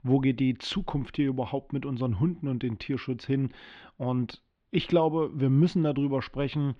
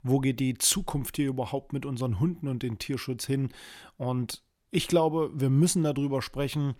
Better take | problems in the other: second | muffled; slightly; fading above 3.5 kHz

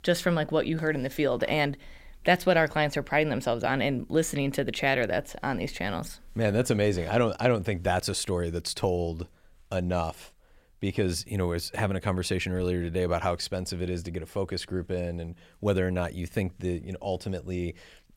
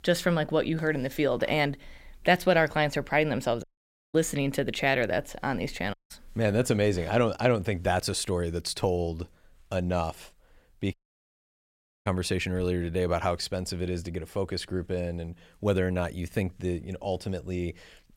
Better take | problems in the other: first | audio cutting out; at 3.5 s, at 6 s and at 11 s for 1 s

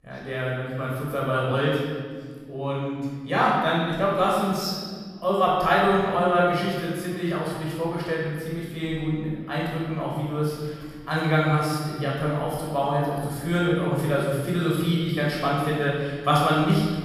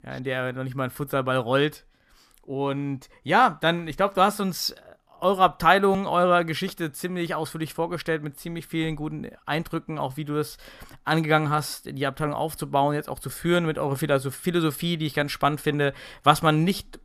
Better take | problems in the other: second | off-mic speech; far // room echo; strong; dies away in 1.7 s

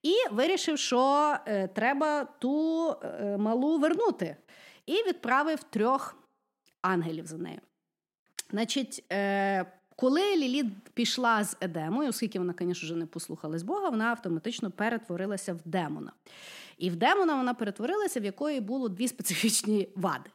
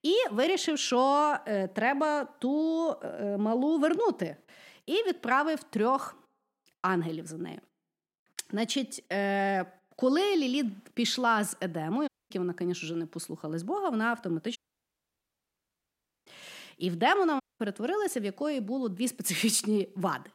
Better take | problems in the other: first | audio cutting out; at 12 s, at 15 s for 1.5 s and at 17 s

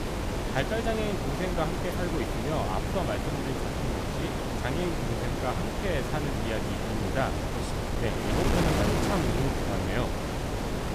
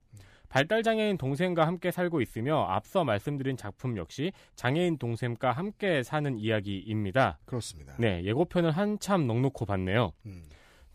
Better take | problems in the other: second | wind noise on the microphone; heavy; 2 dB above the speech

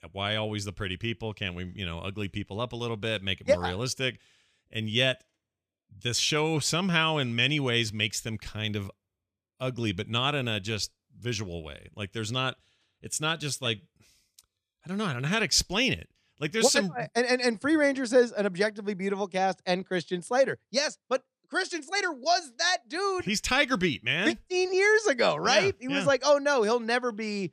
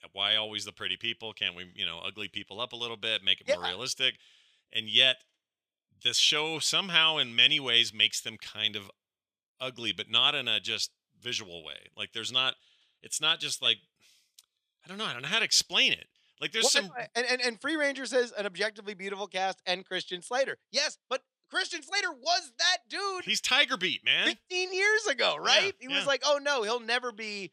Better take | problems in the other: first | thin; somewhat; fading below 650 Hz

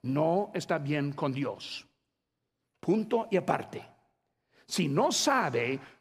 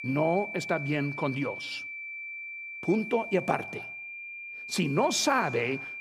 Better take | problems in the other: first | high-pitched whine; loud; throughout; 2.5 kHz, 8 dB below the speech

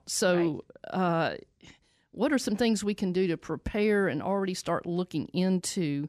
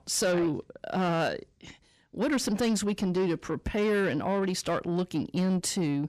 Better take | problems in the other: first | distortion; slight; 10 dB below the speech

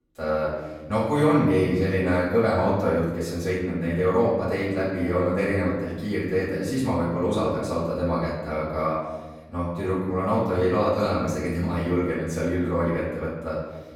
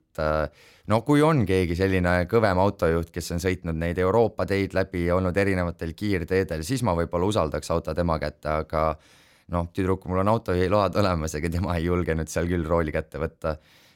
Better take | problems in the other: second | off-mic speech; far // room echo; noticeable; dies away in 1.1 s

